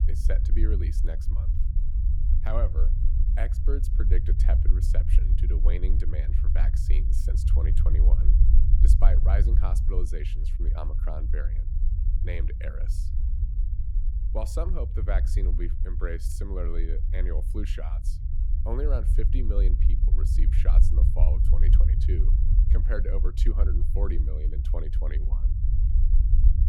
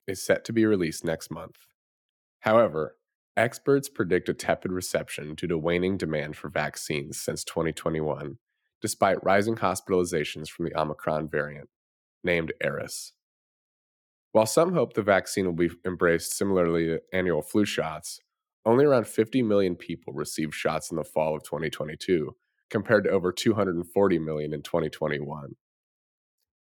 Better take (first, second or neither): second